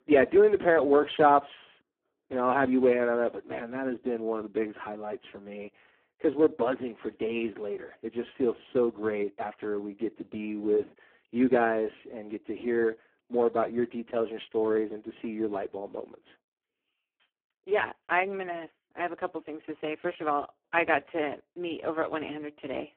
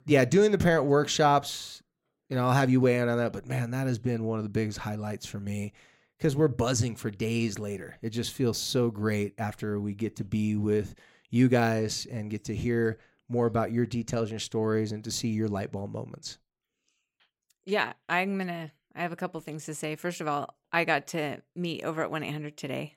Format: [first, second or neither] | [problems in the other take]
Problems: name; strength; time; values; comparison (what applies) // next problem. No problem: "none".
second | phone-call audio; poor line